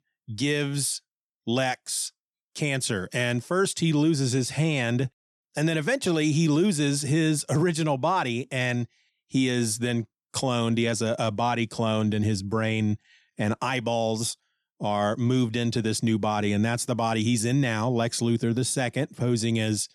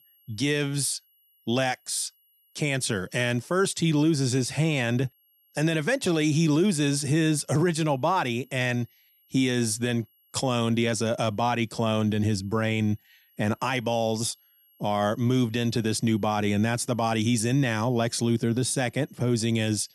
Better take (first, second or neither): first